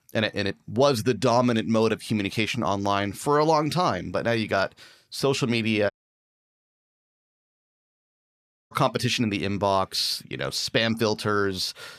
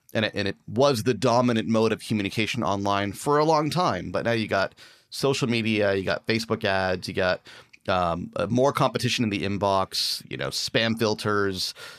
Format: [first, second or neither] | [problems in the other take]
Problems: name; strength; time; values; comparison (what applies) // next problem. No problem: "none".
second | audio cutting out; at 6 s for 3 s